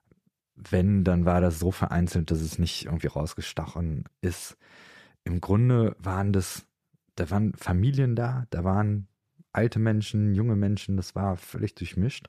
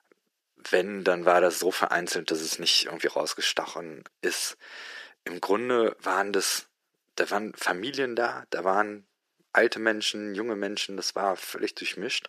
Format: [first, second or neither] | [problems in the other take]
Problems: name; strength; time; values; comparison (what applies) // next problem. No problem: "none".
first | thin; very; fading below 350 Hz